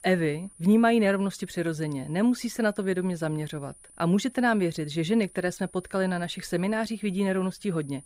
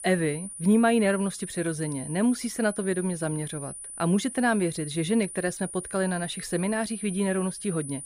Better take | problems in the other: first | high-pitched whine; loud; throughout; 9.5 kHz, 10 dB below the speech; faint in the first

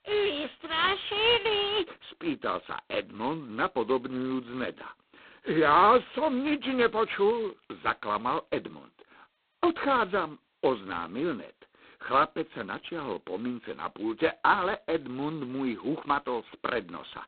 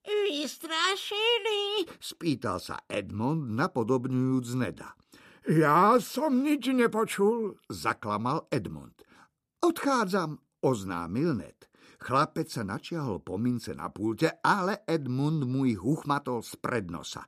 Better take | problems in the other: second | phone-call audio; poor line; nothing above 4 kHz

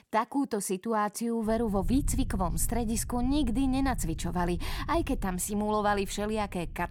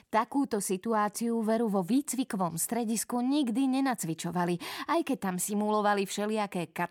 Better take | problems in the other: second | low rumble; faint; from 1.5 s on; 25 dB below the speech

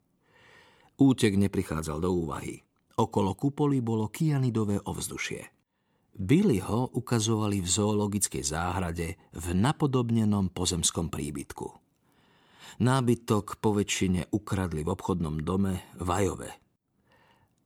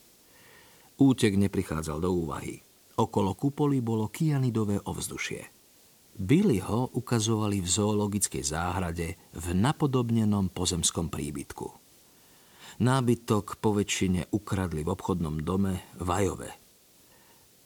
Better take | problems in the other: first | hiss; faint; throughout; 30 dB below the speech

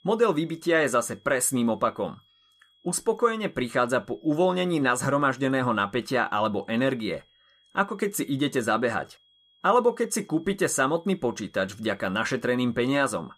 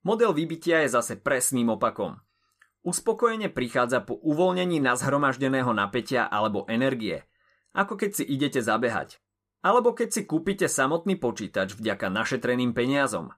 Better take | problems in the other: second | high-pitched whine; faint; throughout; 3.5 kHz, 35 dB below the speech

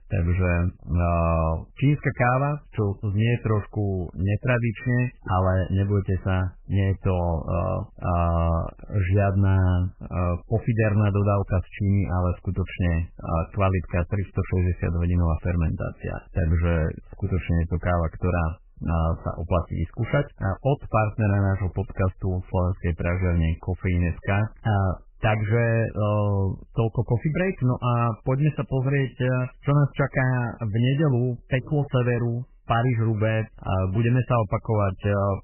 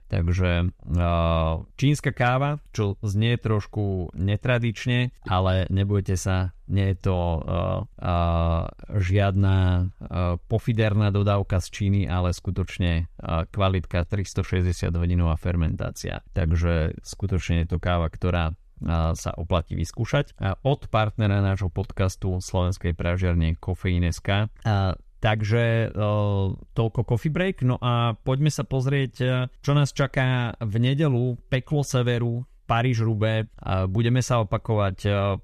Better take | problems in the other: second | garbled, watery; badly; nothing above 3 kHz

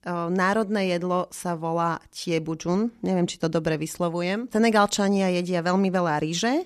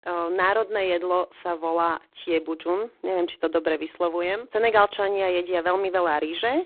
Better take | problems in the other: first | phone-call audio; poor line

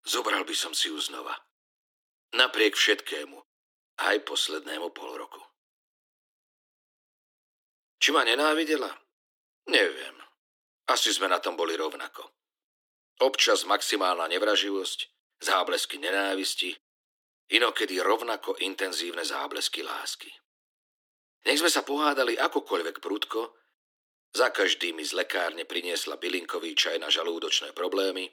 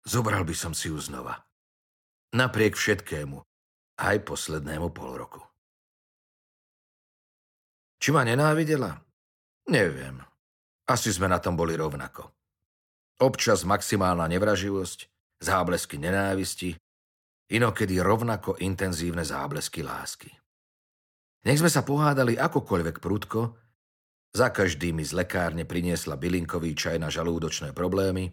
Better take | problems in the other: second | thin; somewhat; fading below 300 Hz

